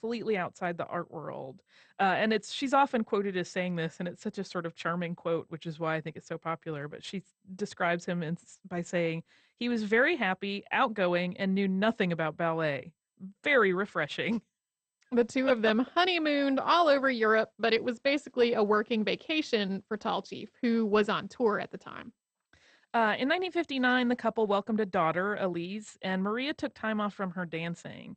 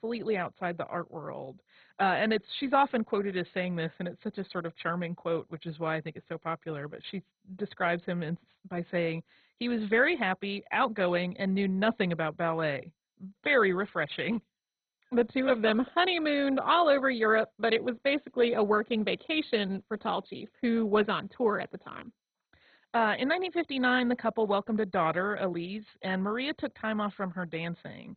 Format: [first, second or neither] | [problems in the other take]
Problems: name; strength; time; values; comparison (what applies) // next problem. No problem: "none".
first | garbled, watery; badly; nothing above 4 kHz; slightly in the first